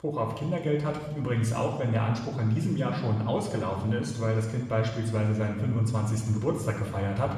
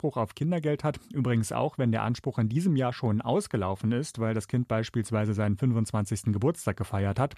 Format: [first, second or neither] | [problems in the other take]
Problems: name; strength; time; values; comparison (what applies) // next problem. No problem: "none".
second | room echo; noticeable; dies away in 1.1 s // off-mic speech; somewhat distant